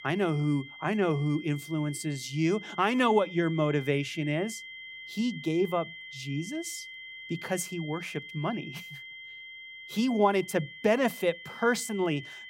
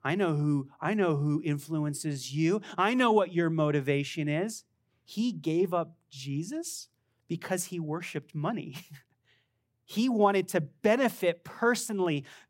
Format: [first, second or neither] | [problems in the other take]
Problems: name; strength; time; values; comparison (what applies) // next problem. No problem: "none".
second | high-pitched whine; noticeable; throughout; 2 kHz, 15 dB below the speech